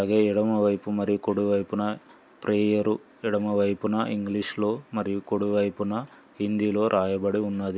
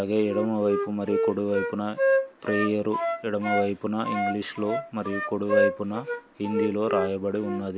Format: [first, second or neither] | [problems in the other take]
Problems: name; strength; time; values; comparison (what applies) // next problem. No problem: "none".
first | background sound (Wind instrument, woodwind instrument); 1 dB below the speech